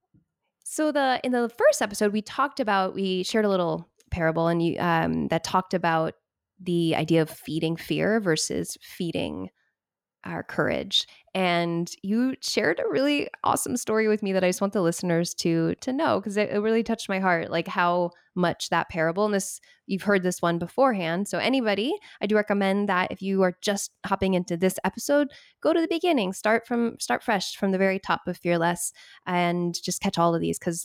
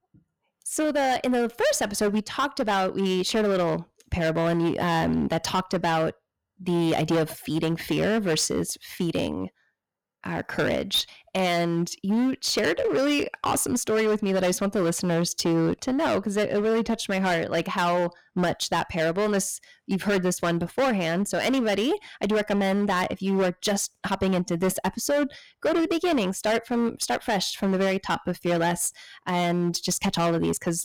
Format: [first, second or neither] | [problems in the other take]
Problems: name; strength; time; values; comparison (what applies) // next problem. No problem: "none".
first | distortion; heavy; 15% of the sound clipped